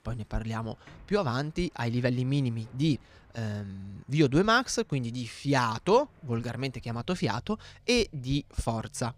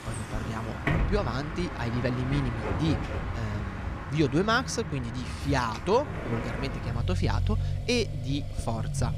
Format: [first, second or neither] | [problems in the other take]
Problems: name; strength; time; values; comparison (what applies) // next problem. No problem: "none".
first | traffic noise; loud; throughout; 3 dB below the speech; faint in the first